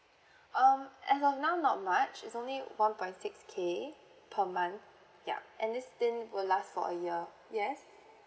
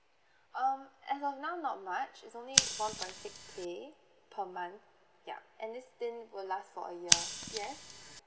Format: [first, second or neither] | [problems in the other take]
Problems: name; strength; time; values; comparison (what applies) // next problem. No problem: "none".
first | background sound (Scissors); 2 dB above the speech